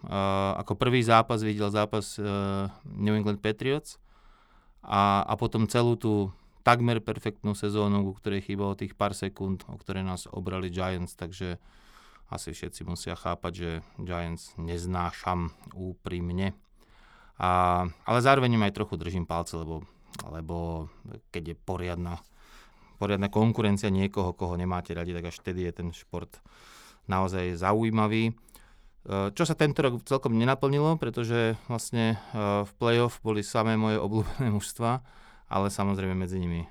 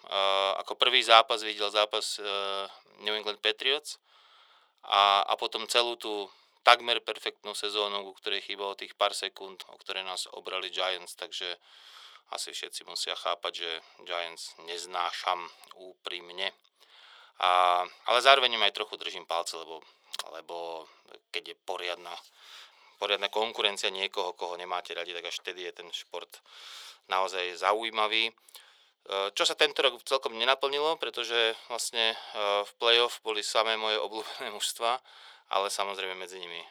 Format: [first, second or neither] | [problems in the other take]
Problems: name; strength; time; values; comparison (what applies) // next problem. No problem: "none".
first | thin; very; fading below 500 Hz